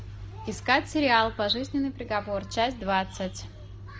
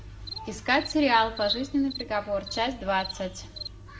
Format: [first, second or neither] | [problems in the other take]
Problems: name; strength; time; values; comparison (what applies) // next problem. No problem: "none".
first | background sound (Cricket); 15 dB below the speech // room echo; dies away in 0.4 s